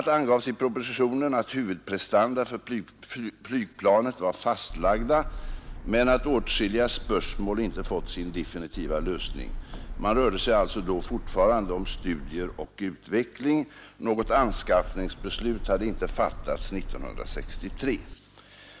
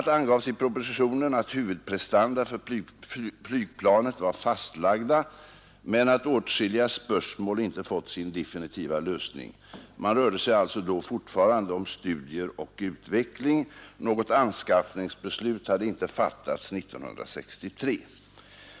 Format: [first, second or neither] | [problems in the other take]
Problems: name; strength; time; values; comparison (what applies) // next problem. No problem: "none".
second | background sound (Car); 7 dB below the speech